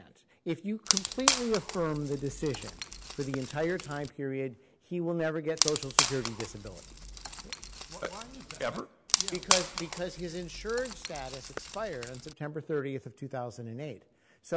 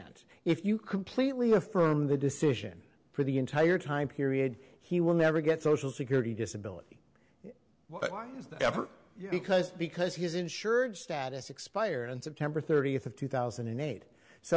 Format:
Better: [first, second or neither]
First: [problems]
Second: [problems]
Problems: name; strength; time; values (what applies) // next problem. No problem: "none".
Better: second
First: background sound (Wood); 1 dB above the speech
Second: none